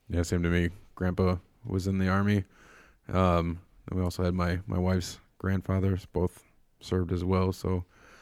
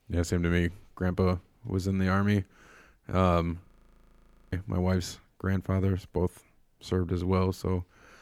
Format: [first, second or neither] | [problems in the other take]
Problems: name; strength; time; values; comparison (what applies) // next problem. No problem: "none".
first | audio freezing; at 3.5 s for 1 s